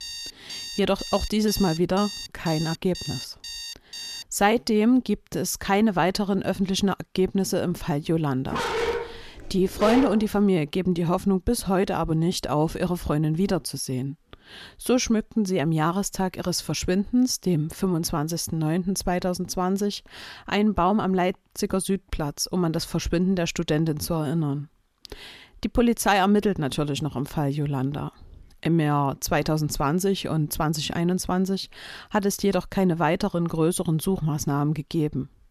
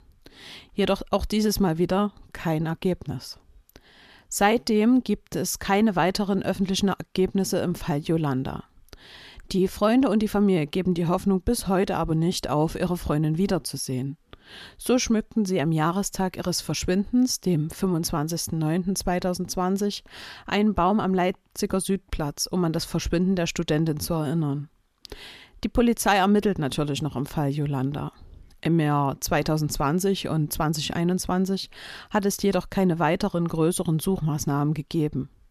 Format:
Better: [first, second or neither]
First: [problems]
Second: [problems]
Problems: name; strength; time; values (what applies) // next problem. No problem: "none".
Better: second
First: alarm; noticeable; until 4 s; peak 9 dB below the speech // dog barking; noticeable; from 8.5 to 10 s; peak 1 dB below the speech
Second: none